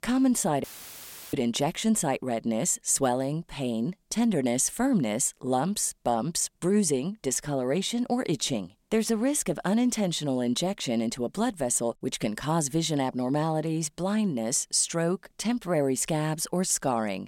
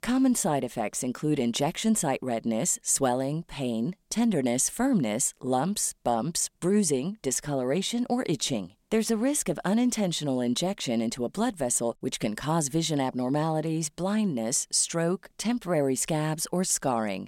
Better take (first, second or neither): second